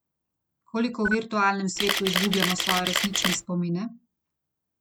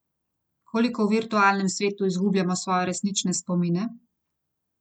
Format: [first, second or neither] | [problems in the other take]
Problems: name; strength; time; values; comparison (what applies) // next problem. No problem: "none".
second | background sound (Camera); as loud as the speech